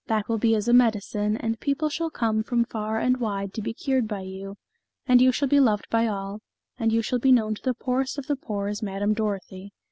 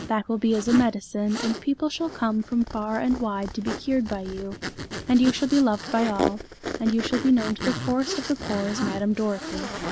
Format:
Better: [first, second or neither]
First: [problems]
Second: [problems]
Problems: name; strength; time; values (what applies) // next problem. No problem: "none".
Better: first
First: none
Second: background sound (Zipper (clothing)); 8 dB below the speech